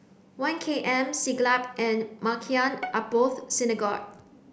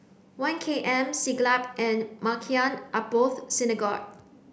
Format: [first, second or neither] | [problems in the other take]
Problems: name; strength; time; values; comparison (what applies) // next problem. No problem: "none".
second | background sound (Bowed string instrument); 16 dB below the speech